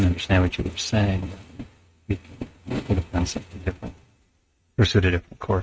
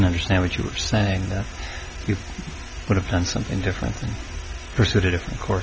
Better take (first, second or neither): second